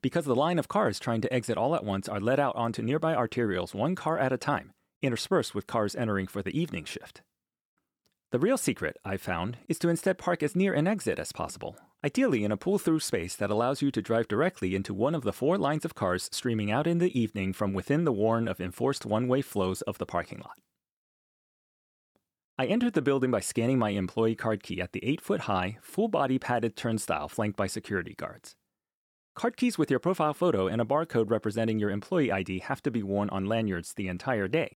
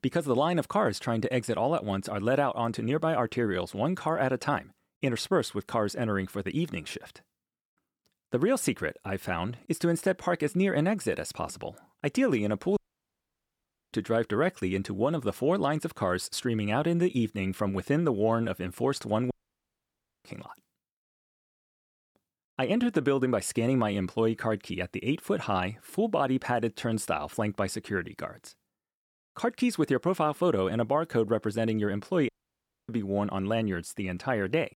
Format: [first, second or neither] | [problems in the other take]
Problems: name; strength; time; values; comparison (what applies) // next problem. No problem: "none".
first | audio cutting out; at 13 s for 1 s, at 19 s for 1 s and at 32 s for 0.5 s